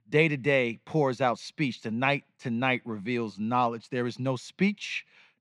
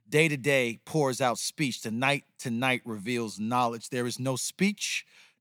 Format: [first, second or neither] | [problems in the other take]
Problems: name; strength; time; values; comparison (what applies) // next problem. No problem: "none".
second | muffled; slightly; fading above 3 kHz